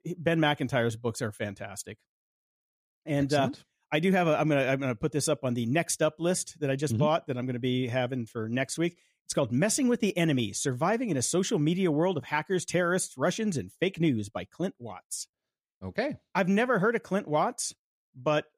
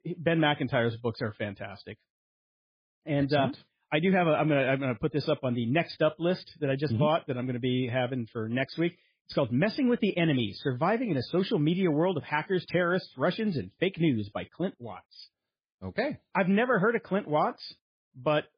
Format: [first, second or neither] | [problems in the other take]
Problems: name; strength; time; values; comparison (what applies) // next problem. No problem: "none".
first | garbled, watery; badly; nothing above 5 kHz